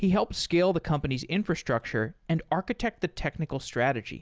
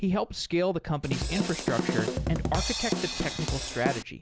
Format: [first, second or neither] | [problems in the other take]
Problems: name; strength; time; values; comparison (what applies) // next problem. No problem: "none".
first | background sound (Drum kit); as loud as the speech